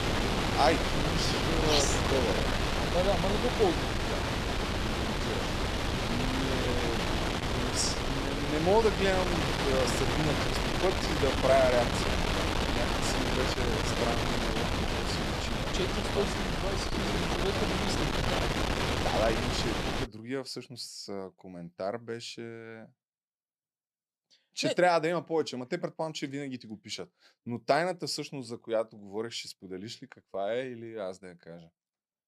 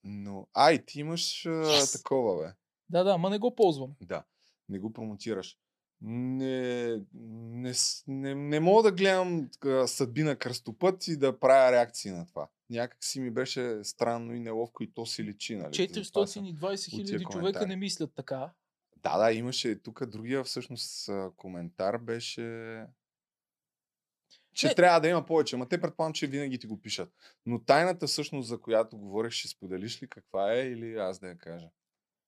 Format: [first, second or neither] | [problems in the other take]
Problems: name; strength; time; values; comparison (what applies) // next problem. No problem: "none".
second | wind noise on the microphone; heavy; until 20 s; 2 dB above the speech